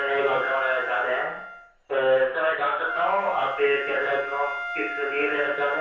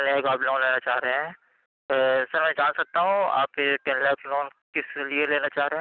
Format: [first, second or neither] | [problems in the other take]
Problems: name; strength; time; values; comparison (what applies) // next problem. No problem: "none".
second | background sound (Wind instrument, woodwind instrument); 8 dB below the speech // room echo; dies away in 0.6 s